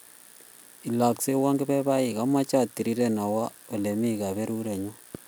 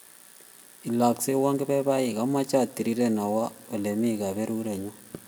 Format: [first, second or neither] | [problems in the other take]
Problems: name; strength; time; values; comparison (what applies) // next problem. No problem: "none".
first | room echo; dies away in 1.3 s